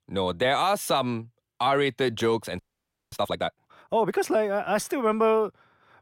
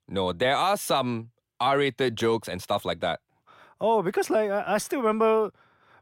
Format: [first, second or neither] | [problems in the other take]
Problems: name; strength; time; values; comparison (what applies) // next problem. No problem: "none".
second | audio freezing; at 2.5 s for 0.5 s